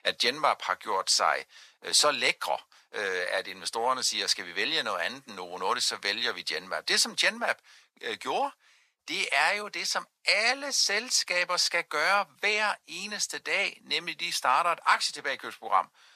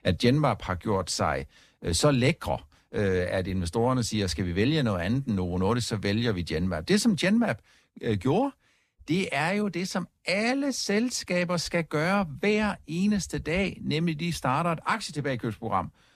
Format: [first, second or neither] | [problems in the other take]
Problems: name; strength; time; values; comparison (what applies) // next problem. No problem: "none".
second | thin; very; fading below 950 Hz